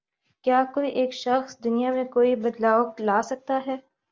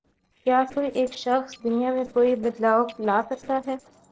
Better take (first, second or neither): first